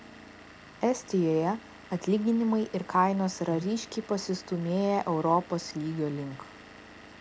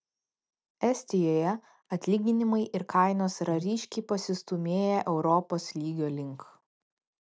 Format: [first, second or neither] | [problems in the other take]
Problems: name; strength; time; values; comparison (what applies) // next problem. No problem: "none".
second | background sound (Engine / Vehicle); 20 dB below the speech